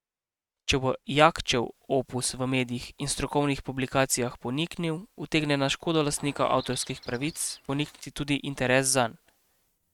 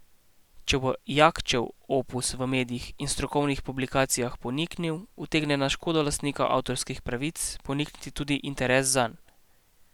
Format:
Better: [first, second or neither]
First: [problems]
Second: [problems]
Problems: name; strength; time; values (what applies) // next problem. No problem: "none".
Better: second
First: noise reduction (neural mask model RNNoise)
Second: none